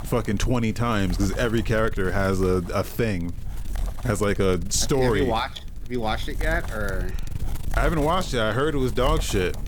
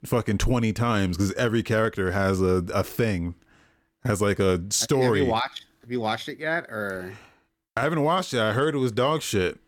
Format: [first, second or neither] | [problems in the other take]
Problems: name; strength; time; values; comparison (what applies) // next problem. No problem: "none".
second | wind noise on the microphone; occasional gusts; 20 dB below the speech